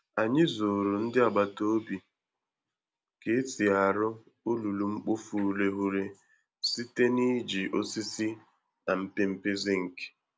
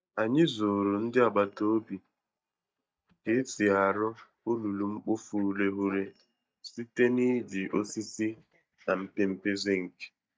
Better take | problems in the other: first | noise reduction (neural mask model DeepFilterNet 3)

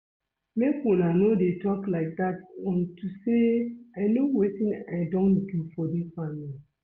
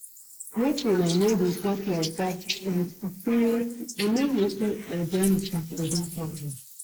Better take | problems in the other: first | noise reduction (neural mask model Resemble Enhance denoiser)

